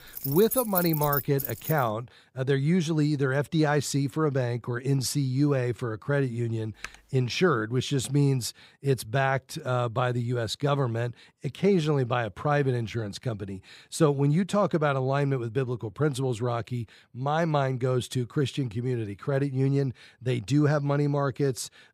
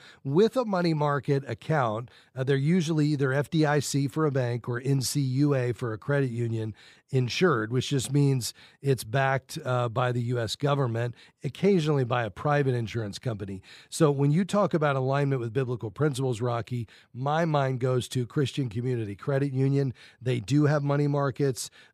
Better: second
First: jangling keys; noticeable; until 2 s; peak 1 dB below the speech // keyboard typing; faint; at 7 s; peak 15 dB below the speech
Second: none

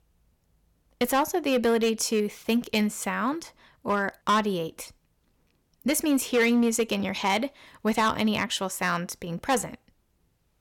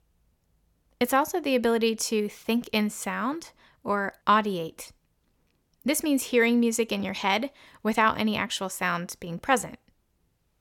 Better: second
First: distortion; slight; 4% of the sound clipped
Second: none

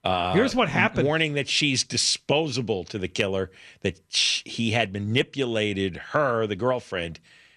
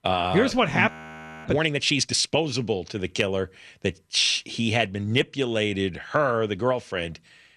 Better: first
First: none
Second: audio freezing; at 1 s for 0.5 s

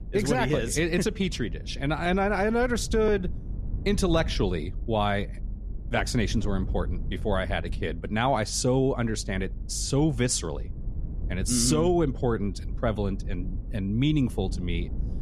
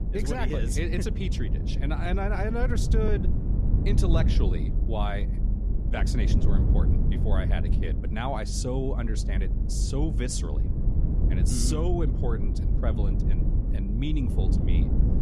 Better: first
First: low rumble; faint; throughout; 20 dB below the speech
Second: low rumble; loud; throughout; 6 dB below the speech

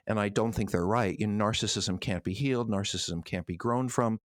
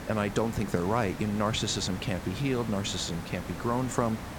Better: first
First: none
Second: hiss; loud; throughout; 10 dB below the speech

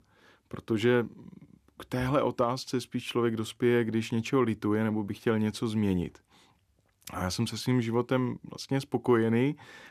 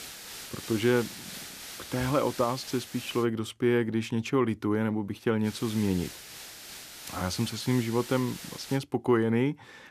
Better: first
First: none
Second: hiss; noticeable; until 3 s and from 5.5 to 9 s; 10 dB below the speech

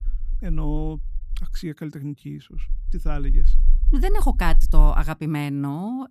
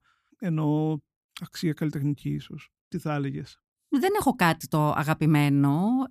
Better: second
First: low rumble; faint; until 1.5 s and from 2.5 to 5 s; 20 dB below the speech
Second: none

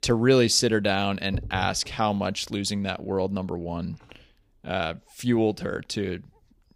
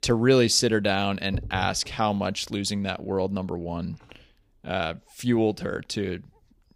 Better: neither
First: none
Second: none

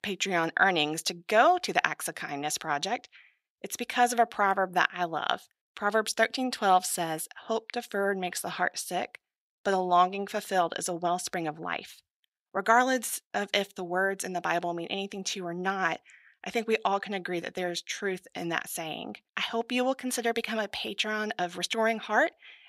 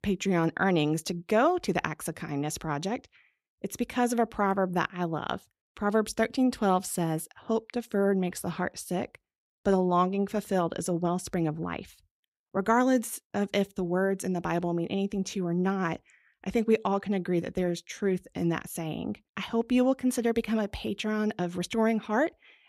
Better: second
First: thin; somewhat; fading below 750 Hz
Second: none

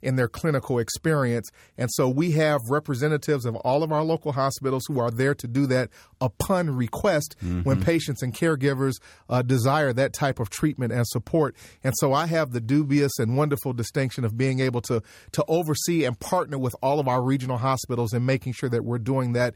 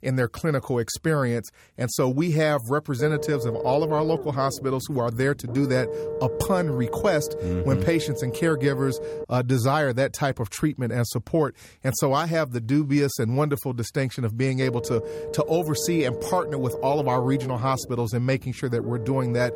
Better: first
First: none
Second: low rumble; loud; from 3 to 9 s and from 15 s on; 6 dB below the speech

